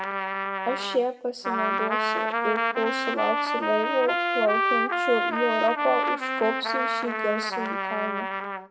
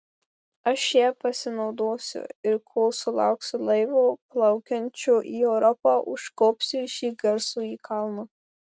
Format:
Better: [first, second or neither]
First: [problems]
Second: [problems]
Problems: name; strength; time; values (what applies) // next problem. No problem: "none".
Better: second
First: background sound (Trumpet); 2 dB above the speech // room echo; dies away in 0.5 s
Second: none